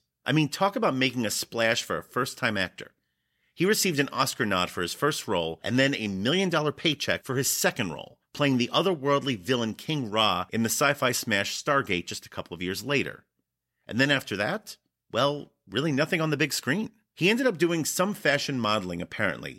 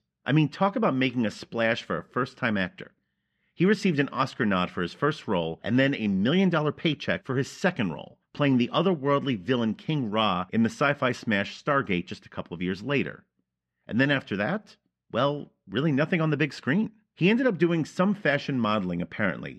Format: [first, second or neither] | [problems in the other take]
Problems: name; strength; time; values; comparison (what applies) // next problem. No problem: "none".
first | muffled; slightly; fading above 2.5 kHz